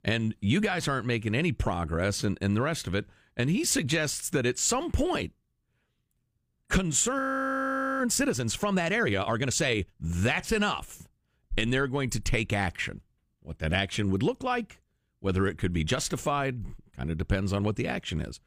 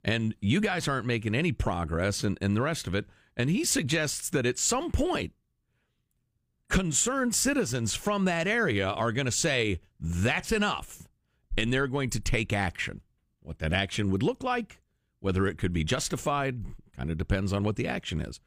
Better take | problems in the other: second | audio freezing; at 7 s for 1 s

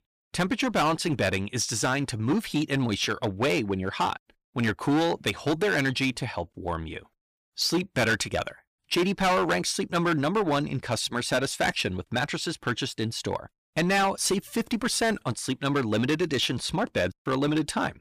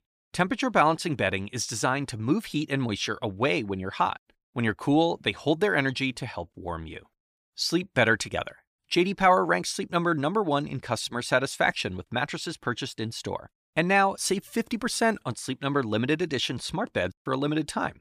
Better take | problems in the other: second | distortion; heavy; 9% of the sound clipped

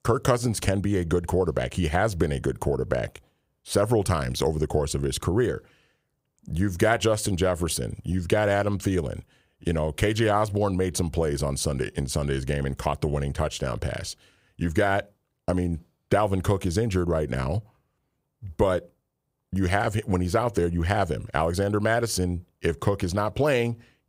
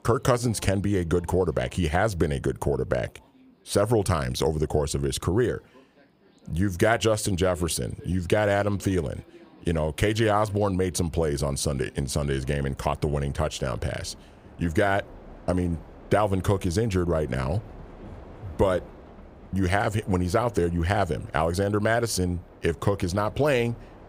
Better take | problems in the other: first | train or aircraft noise; faint; throughout; 25 dB below the speech

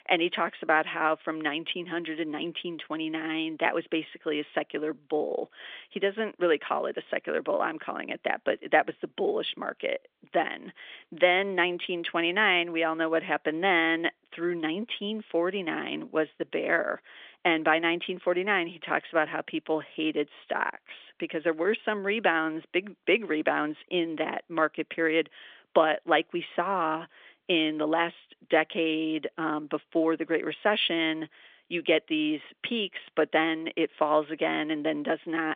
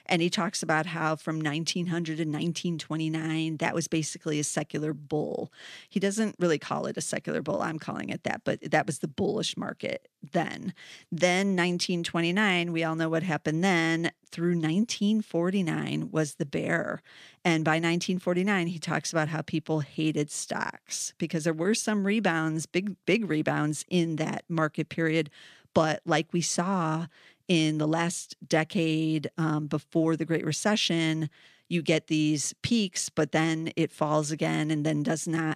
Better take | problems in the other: second | phone-call audio; nothing above 3.5 kHz

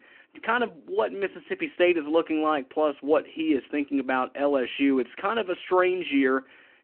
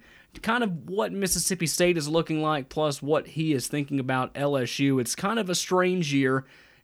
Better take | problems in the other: second | phone-call audio

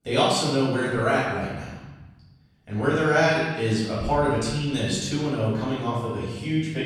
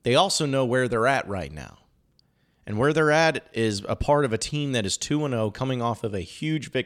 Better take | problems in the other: second | off-mic speech; far // room echo; strong; dies away in 1.2 s

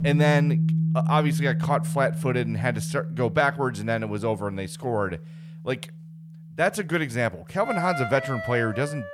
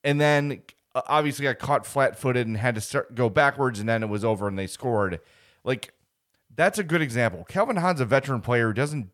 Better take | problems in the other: second | background music; loud; throughout; 2 dB below the speech

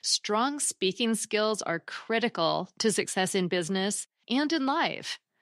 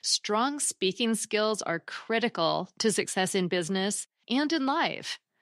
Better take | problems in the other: neither | none

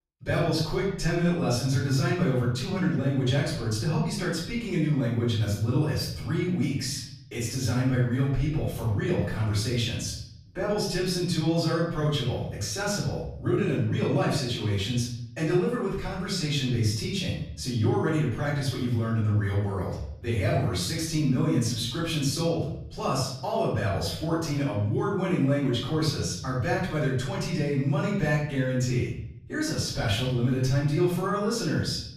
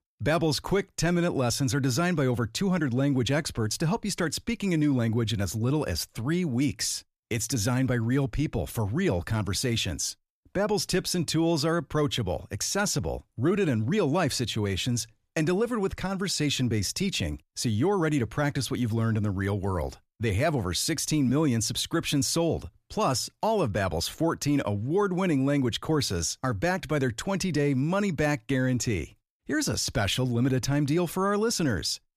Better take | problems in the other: second | off-mic speech; far // room echo; noticeable; dies away in 0.7 s

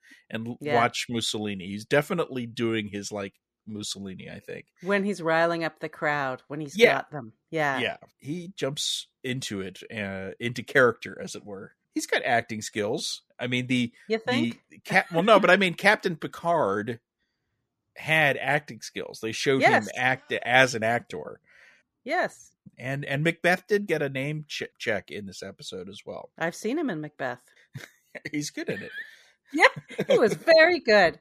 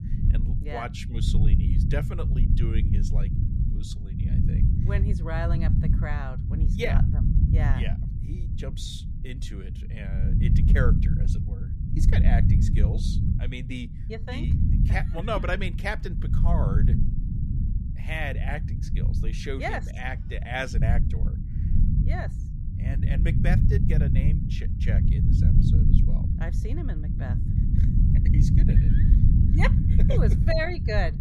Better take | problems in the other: first | low rumble; loud; throughout; 4 dB below the speech

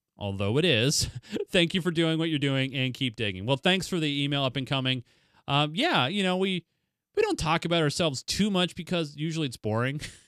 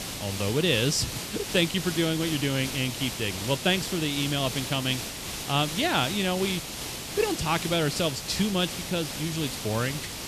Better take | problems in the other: first | hiss; loud; throughout; 6 dB below the speech

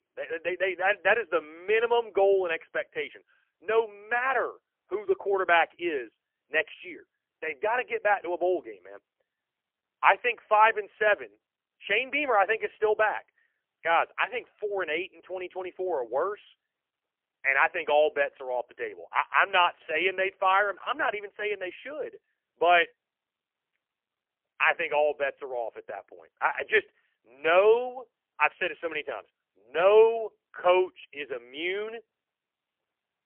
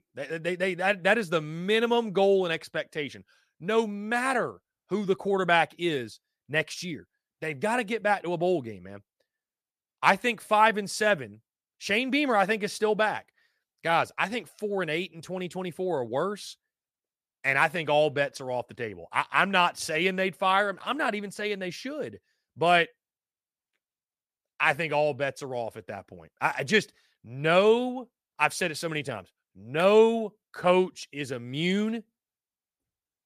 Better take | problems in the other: second | phone-call audio; poor line; nothing above 3 kHz

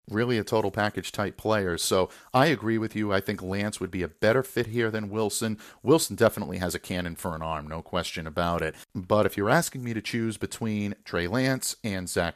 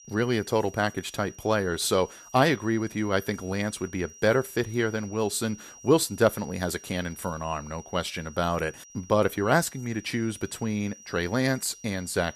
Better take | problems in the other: first | high-pitched whine; noticeable; throughout; 5.5 kHz, 20 dB below the speech

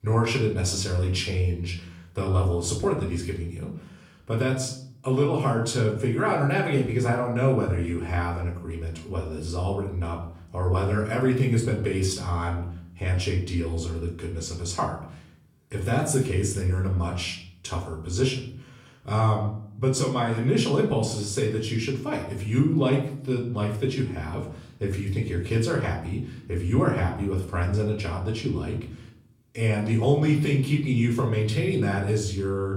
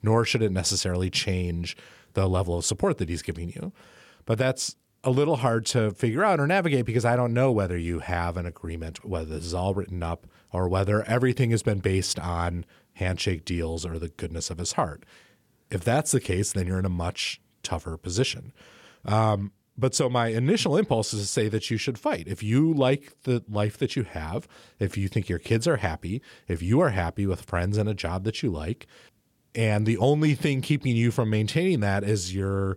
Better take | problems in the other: second | off-mic speech; far // room echo; slight; dies away in 0.5 s

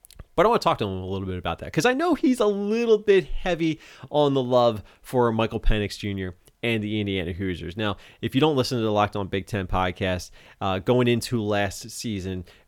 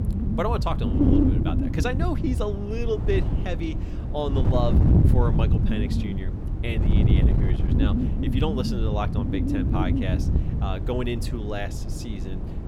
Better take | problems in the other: first | wind noise on the microphone; heavy; 2 dB below the speech

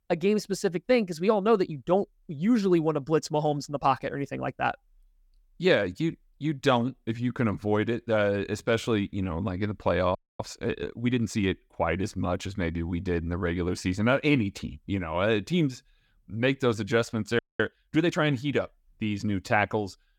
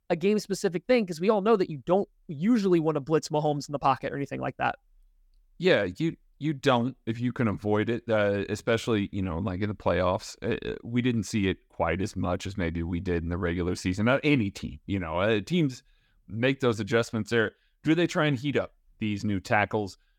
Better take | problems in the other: second | audio freezing; at 10 s and at 17 s

